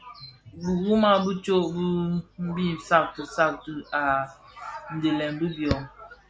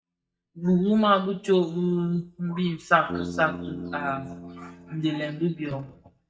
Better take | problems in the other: first | noise reduction (neural mask model DeepFilterNet 3)

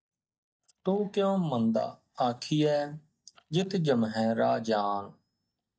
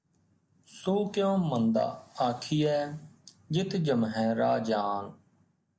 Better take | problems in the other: second | noise reduction (neural mask model DeepFilterNet 3)

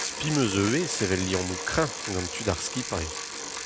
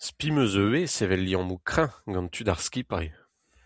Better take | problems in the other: second | background sound (Bicycle); 6 dB below the speech

